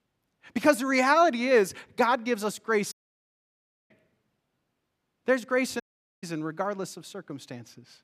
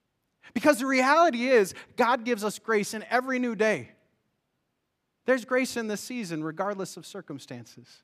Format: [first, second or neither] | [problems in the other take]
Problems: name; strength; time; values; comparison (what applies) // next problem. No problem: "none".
second | audio cutting out; at 3 s for 1 s and at 6 s